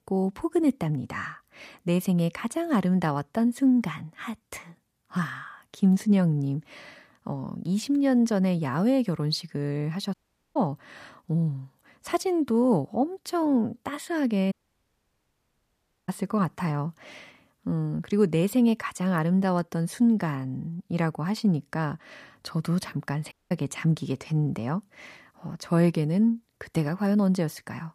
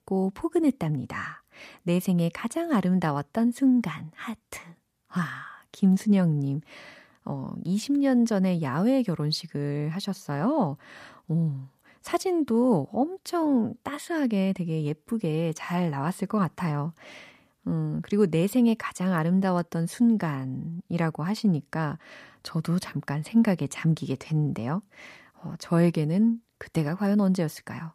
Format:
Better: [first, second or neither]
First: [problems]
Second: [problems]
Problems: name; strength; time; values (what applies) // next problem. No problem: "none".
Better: second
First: audio cutting out; at 10 s, at 15 s for 1.5 s and at 23 s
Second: none